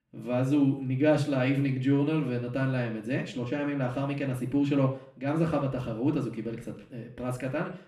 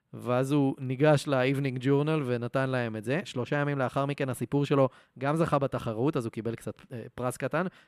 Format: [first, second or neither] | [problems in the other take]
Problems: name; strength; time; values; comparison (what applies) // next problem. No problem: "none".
second | room echo; slight; dies away in 0.5 s // off-mic speech; far